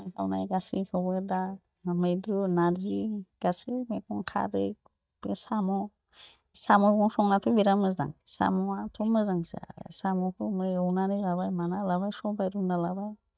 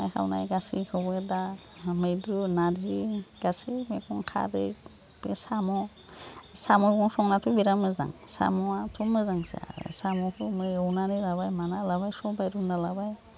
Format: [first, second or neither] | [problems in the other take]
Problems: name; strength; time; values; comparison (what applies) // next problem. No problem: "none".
second | noise reduction (neural mask model DeepFilterNet 3)